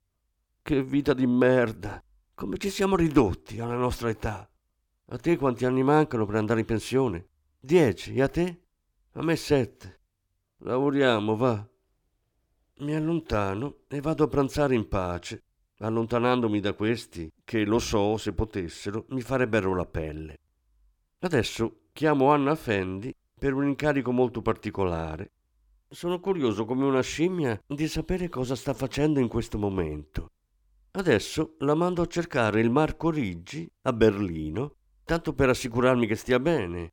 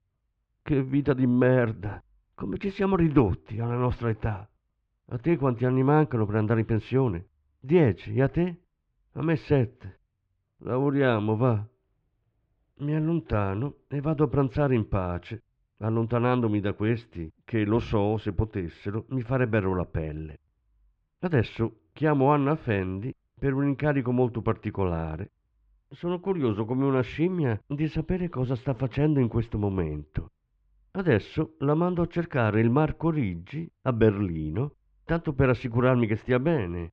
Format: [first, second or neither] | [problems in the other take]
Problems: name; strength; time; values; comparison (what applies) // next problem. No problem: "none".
first | muffled; very; fading above 3 kHz